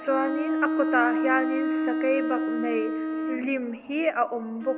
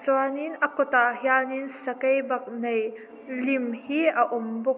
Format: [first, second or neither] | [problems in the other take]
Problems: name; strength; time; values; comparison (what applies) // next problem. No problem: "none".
second | background sound (Bowed string instrument); as loud as the speech